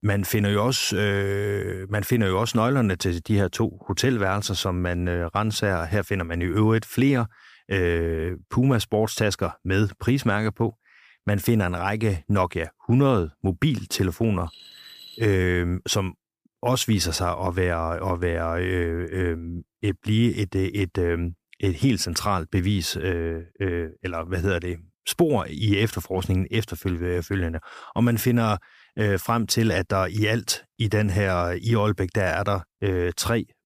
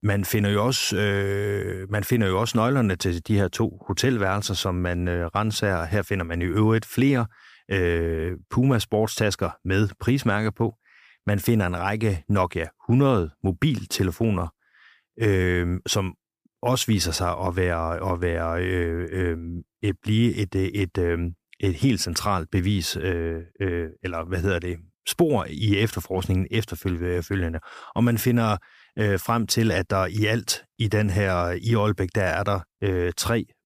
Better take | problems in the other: second | alarm; faint; at 14 s; peak 15 dB below the speech

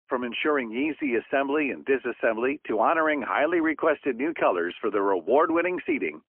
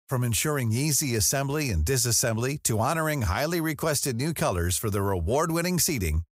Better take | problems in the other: second | phone-call audio; poor line; nothing above 3 kHz

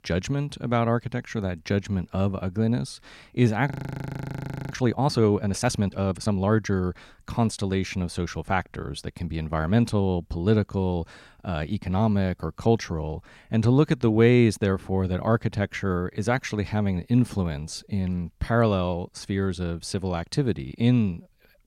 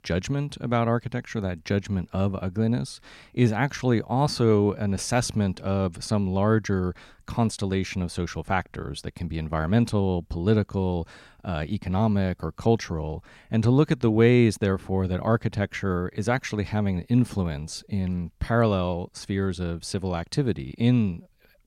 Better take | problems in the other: second | audio freezing; at 3.5 s for 1 s

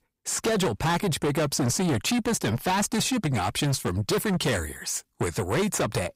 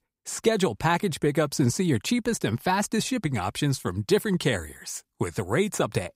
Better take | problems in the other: second | distortion; heavy; 6 dB below the speech

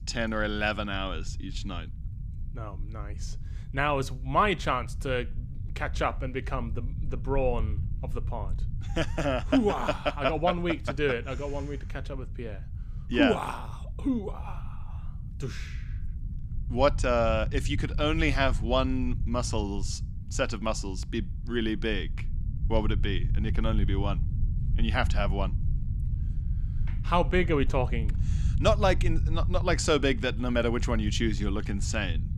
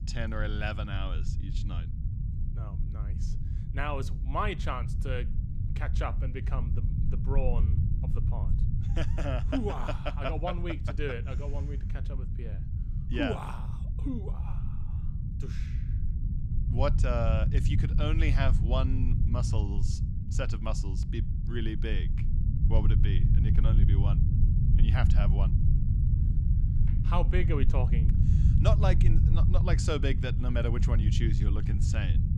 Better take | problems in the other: first | low rumble; loud; throughout; 7 dB below the speech; faint in the first

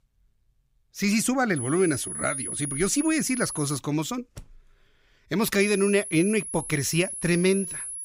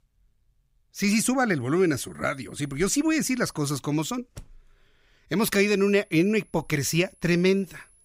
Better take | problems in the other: second | high-pitched whine; loud; from 1.5 to 4 s and from 5.5 s on; 10.5 kHz, 7 dB below the speech; faint in the second

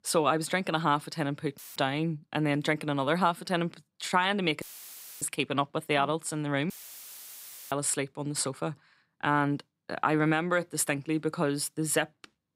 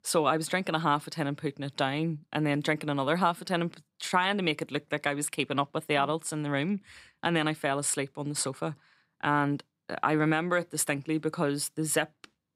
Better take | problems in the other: second | audio cutting out; filled with static; at 1.5 s, at 4.5 s for 0.5 s and at 6.5 s for 1 s

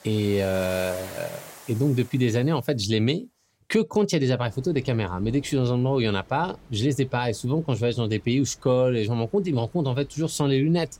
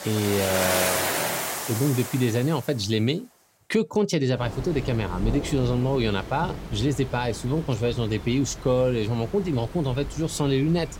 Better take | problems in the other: first | rain or running water; loud; throughout; 6 dB below the speech; faint in the first

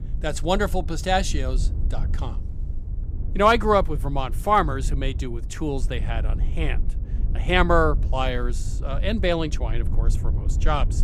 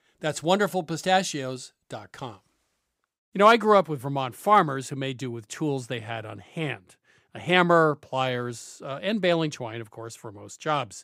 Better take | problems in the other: second | low rumble; faint; throughout; 20 dB below the speech

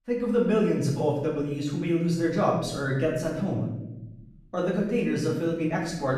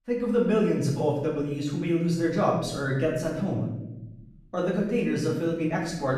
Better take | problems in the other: neither | room echo; noticeable; dies away in 1 s; the same in both // off-mic speech; far; the same in both

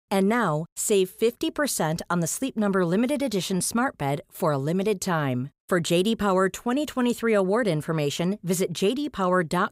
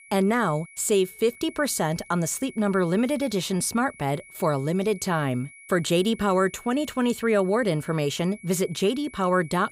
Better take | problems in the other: first | high-pitched whine; faint; throughout; 2 kHz, 20 dB below the speech

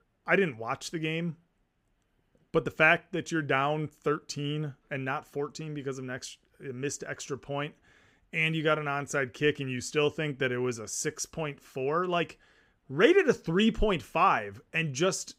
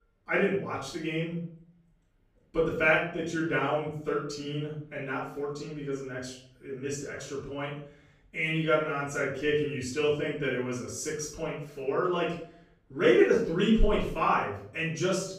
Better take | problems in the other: first | off-mic speech; far // room echo; noticeable; dies away in 0.5 s

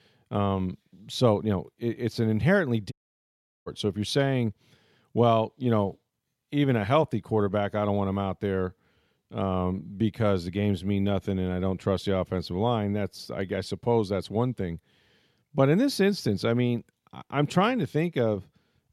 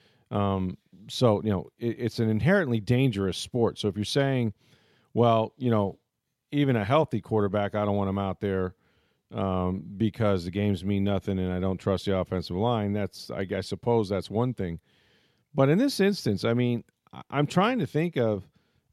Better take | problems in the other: second | audio cutting out; at 3 s for 0.5 s

